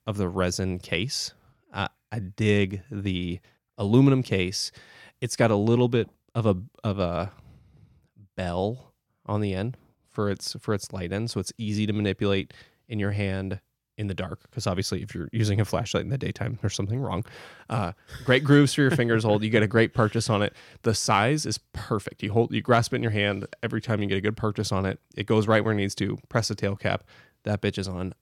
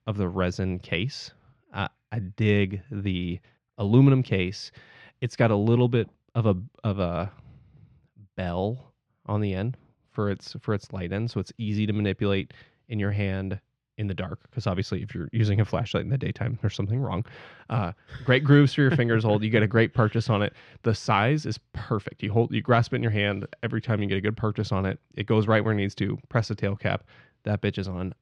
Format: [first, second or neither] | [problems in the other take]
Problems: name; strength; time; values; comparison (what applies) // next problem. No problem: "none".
first | muffled; very slightly; fading above 3 kHz